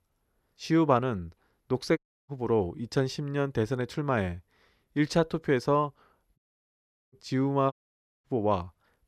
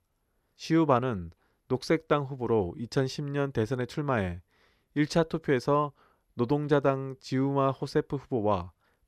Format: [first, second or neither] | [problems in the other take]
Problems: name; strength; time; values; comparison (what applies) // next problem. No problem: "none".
second | audio cutting out; at 2 s, at 6.5 s for 0.5 s and at 7.5 s for 0.5 s